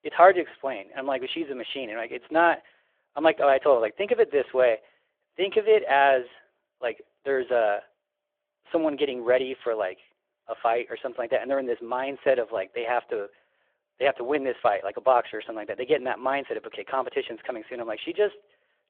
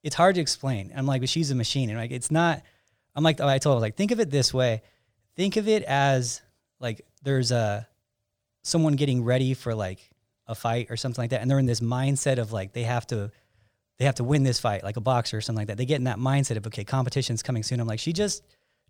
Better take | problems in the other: second | phone-call audio

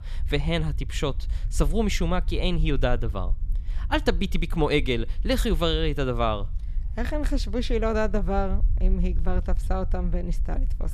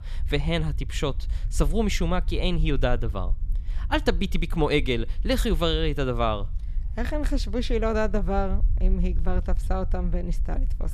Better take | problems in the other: neither | low rumble; faint; throughout; 25 dB below the speech; the same in both

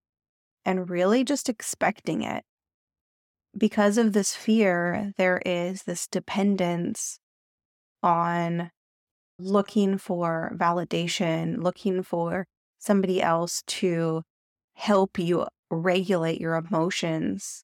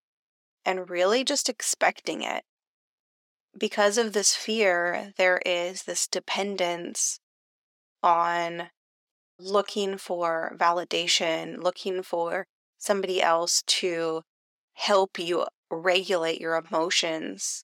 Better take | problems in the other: first | thin; somewhat; fading below 450 Hz

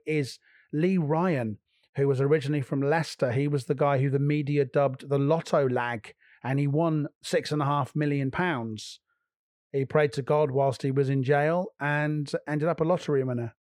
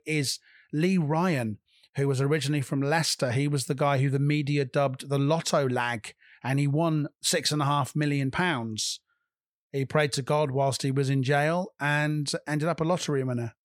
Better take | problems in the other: second | muffled; slightly; fading above 3.5 kHz

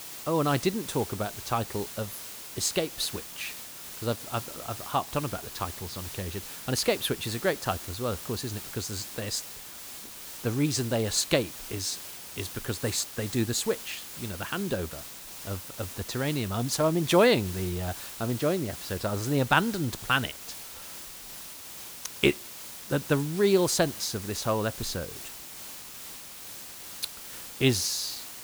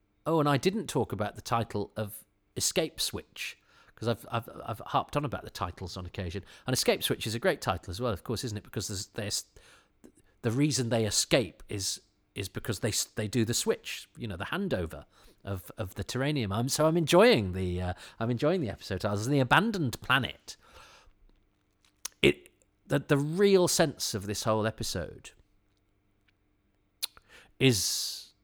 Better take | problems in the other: second | hiss; loud; throughout; 10 dB below the speech

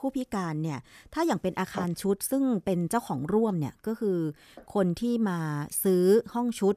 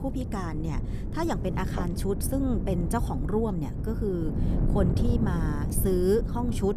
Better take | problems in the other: first | wind noise on the microphone; heavy; 8 dB below the speech

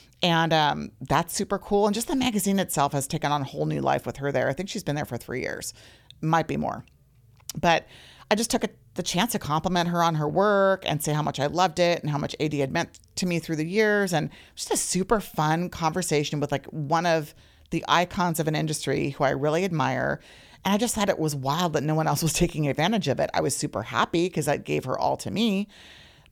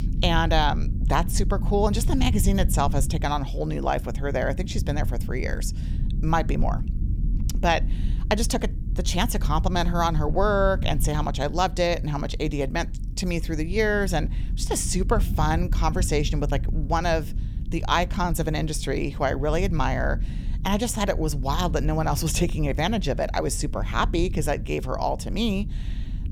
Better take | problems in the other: first | low rumble; noticeable; throughout; 20 dB below the speech

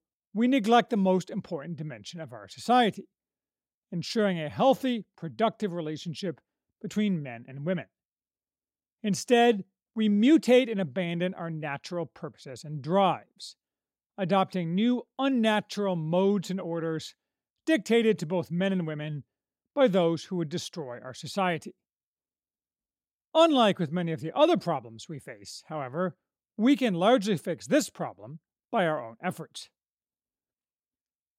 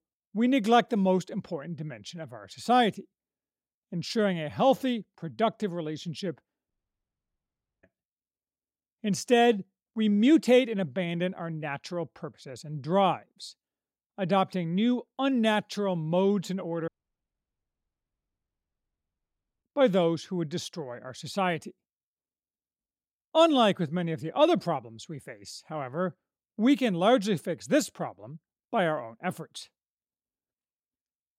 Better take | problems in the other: first | audio cutting out; at 6.5 s for 1 s and at 17 s for 3 s

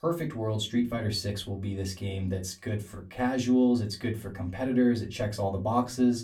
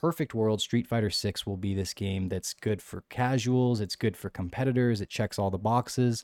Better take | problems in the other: second | off-mic speech; far // room echo; very slight; dies away in 0.2 s

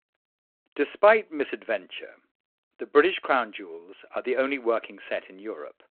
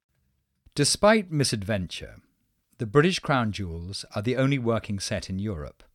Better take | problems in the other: second | phone-call audio

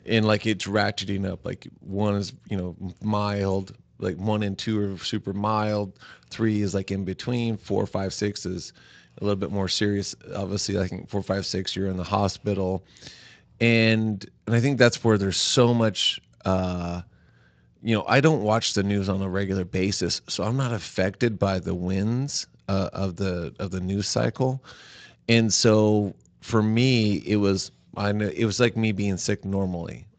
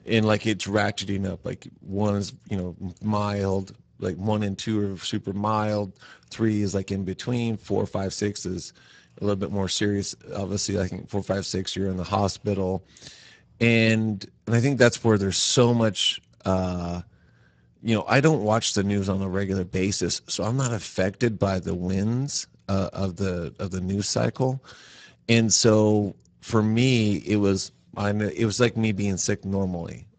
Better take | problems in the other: first | garbled, watery; badly; nothing above 7.5 kHz; slightly in the first

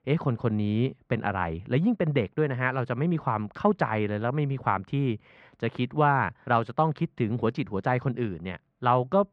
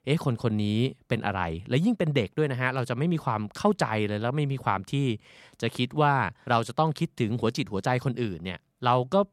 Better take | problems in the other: second | muffled; very; fading above 2 kHz

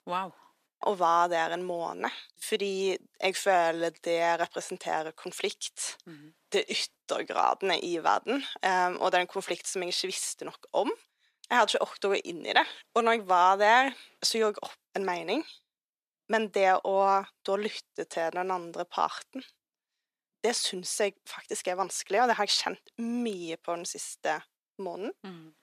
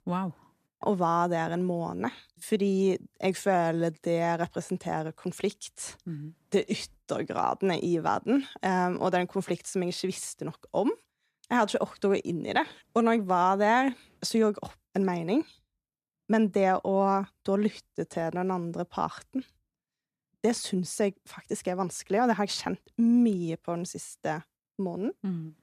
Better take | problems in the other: second | thin; somewhat; fading below 500 Hz

